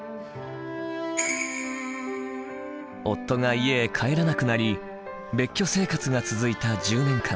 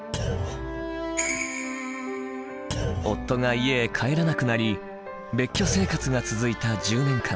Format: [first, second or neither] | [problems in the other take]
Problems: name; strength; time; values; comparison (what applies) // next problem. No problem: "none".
first | background sound (Thump, thud); 7 dB below the speech